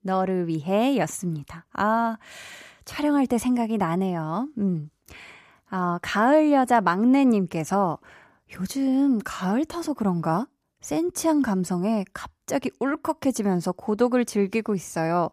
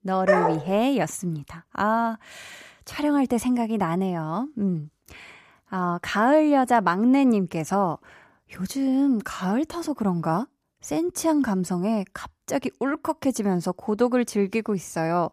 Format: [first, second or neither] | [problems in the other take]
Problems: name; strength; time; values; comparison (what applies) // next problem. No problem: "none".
first | dog barking; loud; at 0.5 s; peak 3 dB above the speech